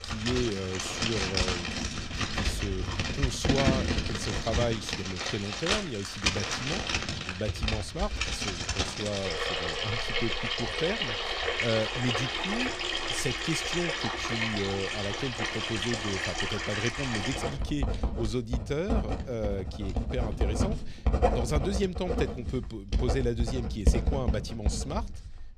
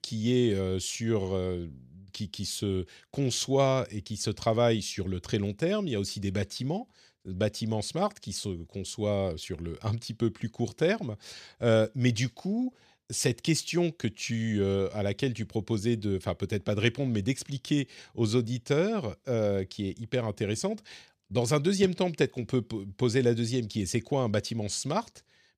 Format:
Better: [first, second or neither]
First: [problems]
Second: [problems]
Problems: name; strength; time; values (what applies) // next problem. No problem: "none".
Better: second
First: household noises; very loud; throughout; 3 dB above the speech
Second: none